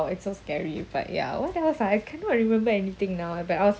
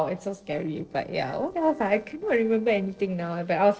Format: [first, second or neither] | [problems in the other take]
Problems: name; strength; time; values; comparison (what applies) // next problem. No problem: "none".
first | noise reduction (neural separator model SepFormer DNS4)